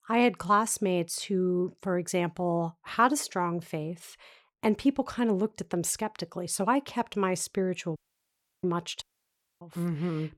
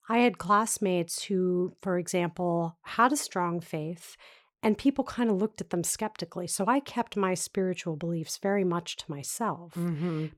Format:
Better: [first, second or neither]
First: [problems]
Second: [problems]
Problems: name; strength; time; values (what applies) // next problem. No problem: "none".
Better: second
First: audio cutting out; at 8 s for 0.5 s and at 9 s for 0.5 s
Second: none